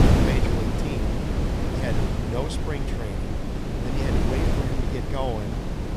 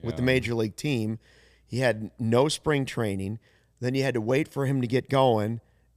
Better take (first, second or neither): second